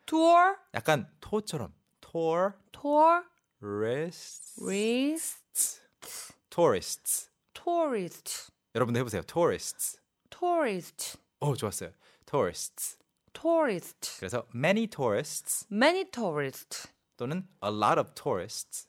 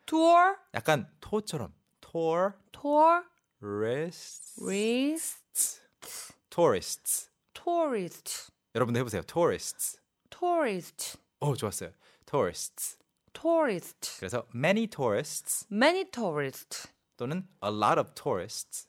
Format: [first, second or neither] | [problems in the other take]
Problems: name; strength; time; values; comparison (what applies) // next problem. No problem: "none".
neither | none